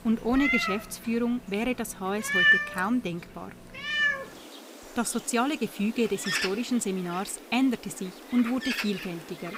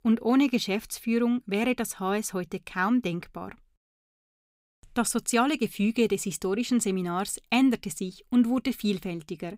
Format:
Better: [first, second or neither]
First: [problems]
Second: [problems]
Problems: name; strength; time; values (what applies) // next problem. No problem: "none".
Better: second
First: animal sounds; very loud; throughout; 2 dB above the speech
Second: none